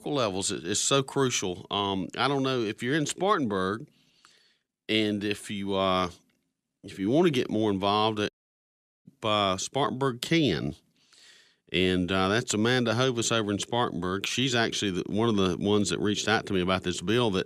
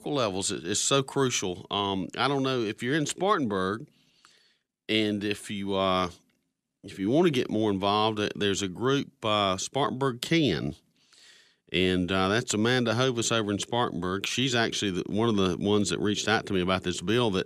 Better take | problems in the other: second | audio cutting out; at 8.5 s for 1 s

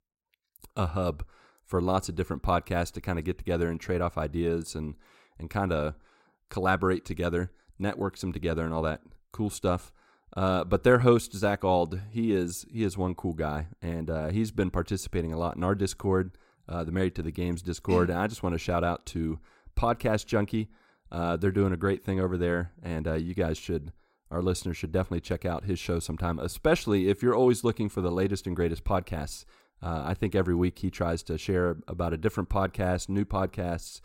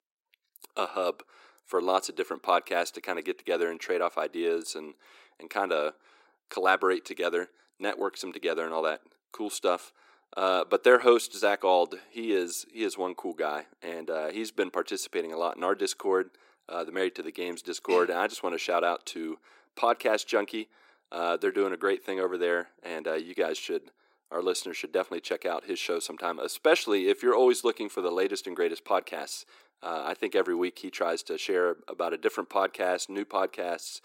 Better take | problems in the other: first | thin; very; fading below 300 Hz

